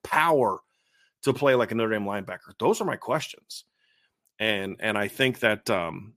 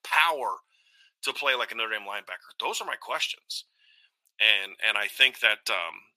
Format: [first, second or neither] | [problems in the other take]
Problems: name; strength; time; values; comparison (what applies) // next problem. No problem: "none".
first | thin; very; fading below 1 kHz